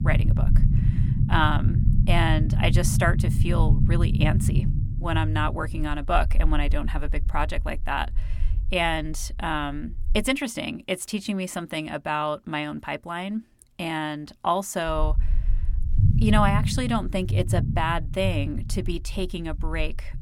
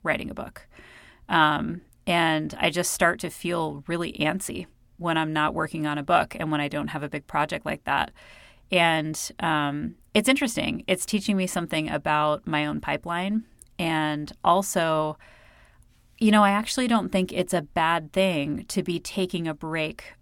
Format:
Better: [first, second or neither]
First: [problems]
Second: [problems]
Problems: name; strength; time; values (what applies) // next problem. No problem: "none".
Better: second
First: low rumble; loud; until 10 s and from 15 s on; 10 dB below the speech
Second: none